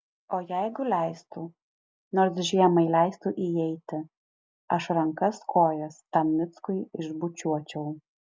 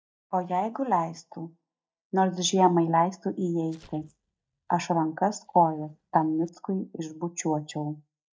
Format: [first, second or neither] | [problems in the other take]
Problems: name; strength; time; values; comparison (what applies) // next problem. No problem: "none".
first | noise reduction (neural mask model DeepFilterNet 3)